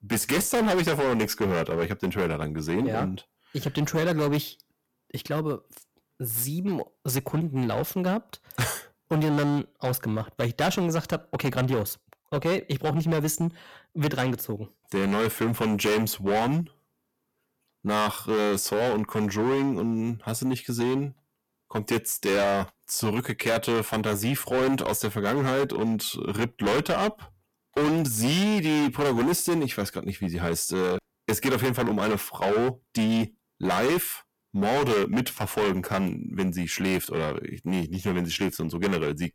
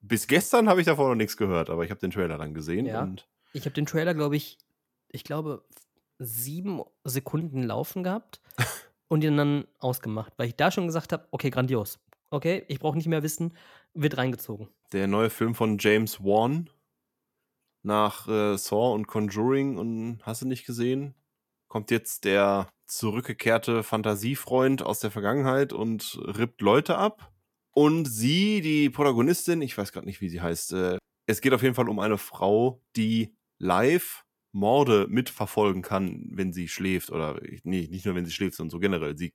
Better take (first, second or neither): second